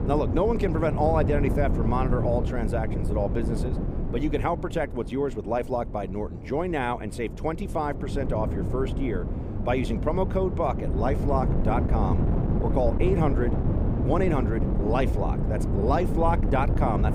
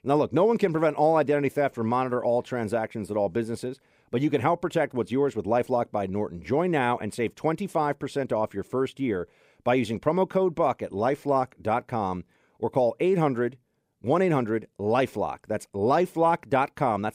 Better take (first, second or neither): second